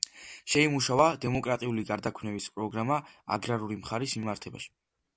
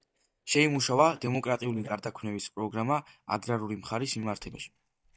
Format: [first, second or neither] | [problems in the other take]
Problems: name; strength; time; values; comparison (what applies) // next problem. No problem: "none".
first | noise reduction (neural mask model DeepFilterNet 3)